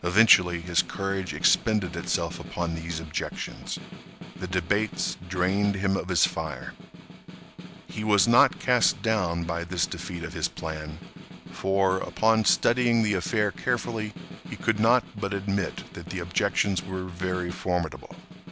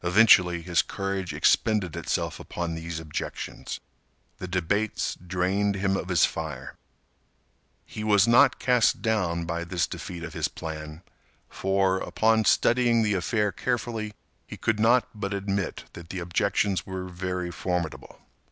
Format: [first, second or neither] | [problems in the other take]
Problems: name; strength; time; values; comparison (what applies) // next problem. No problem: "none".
second | background sound (Snare drum); 14 dB below the speech